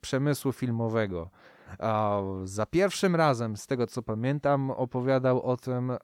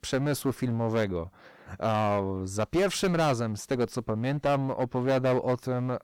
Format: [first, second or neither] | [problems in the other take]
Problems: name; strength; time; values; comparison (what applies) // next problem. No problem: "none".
first | distortion; slight; 13% of the sound clipped